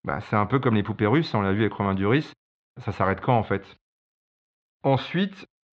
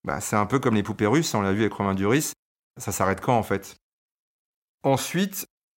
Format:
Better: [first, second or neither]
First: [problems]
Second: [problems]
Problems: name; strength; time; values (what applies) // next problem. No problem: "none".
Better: second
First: muffled; slightly; fading above 4 kHz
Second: none